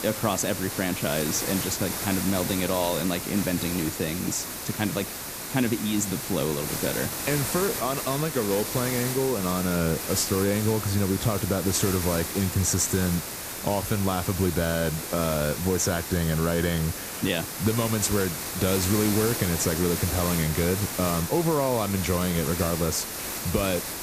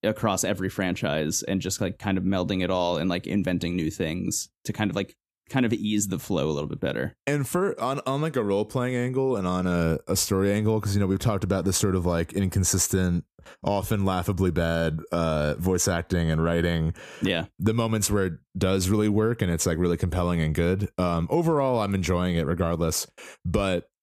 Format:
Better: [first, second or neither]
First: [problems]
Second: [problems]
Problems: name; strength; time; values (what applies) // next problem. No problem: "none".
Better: second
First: hiss; loud; throughout; 4 dB below the speech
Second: none